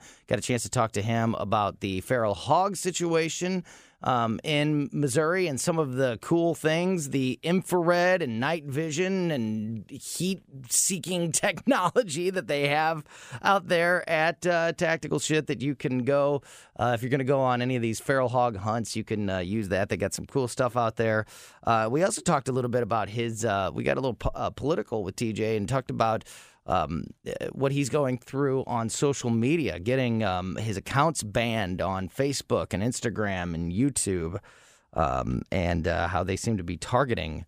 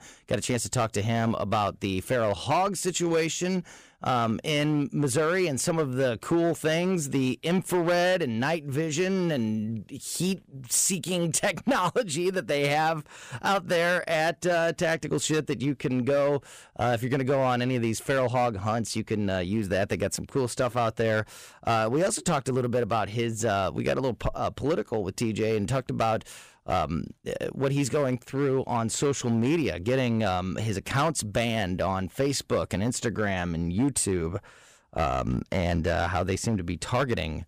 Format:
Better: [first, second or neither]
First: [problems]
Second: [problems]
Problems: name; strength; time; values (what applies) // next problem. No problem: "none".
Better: first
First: none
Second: distortion; slight; 7% of the sound clipped